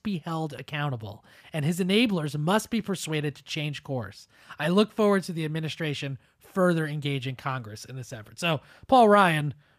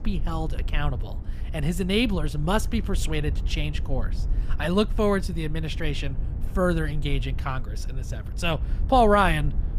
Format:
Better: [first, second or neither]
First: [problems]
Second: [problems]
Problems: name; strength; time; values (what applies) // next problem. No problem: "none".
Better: first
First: none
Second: low rumble; faint; throughout; 20 dB below the speech